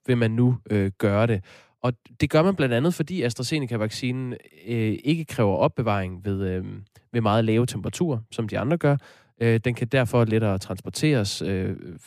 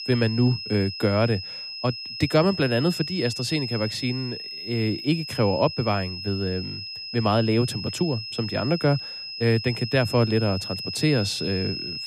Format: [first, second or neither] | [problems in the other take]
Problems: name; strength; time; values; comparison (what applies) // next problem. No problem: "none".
first | high-pitched whine; loud; throughout; 5 kHz, 7 dB below the speech